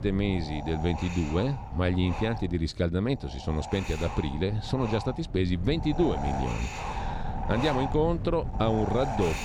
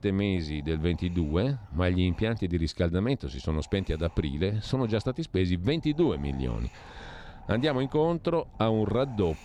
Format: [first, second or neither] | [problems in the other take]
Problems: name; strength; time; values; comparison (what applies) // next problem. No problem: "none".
second | wind noise on the microphone; heavy; 4 dB below the speech; occasional gusts in the second